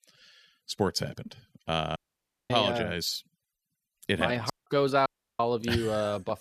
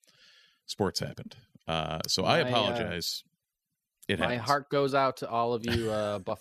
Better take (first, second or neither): second